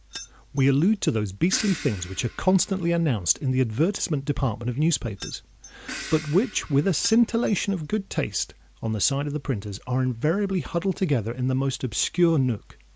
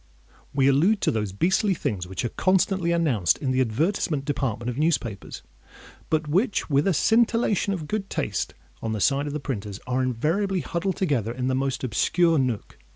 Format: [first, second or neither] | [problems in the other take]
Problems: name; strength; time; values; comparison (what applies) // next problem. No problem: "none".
second | background sound (Crash cymbal + Keys jangling); 17 dB below the speech